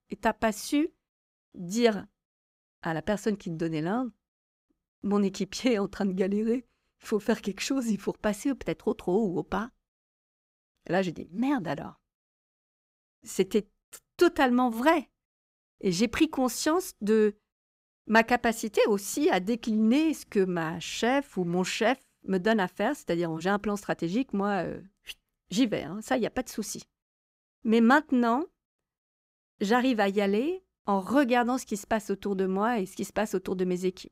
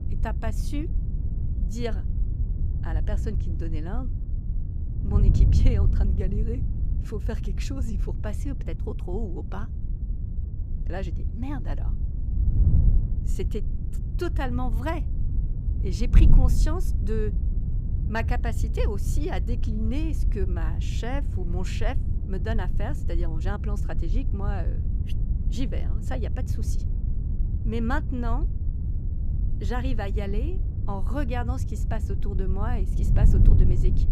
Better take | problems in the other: first | wind noise on the microphone; heavy; 7 dB below the speech

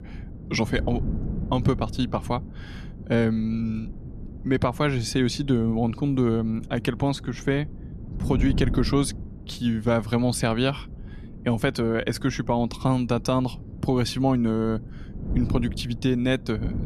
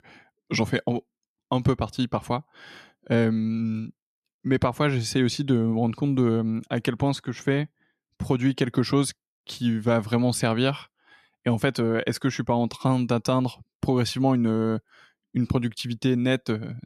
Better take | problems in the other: second | wind noise on the microphone; occasional gusts; 15 dB below the speech

